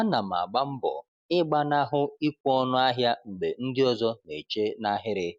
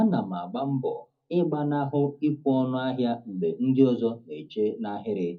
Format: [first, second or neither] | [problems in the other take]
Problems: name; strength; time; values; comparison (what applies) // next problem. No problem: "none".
first | room echo; dies away in 0.3 s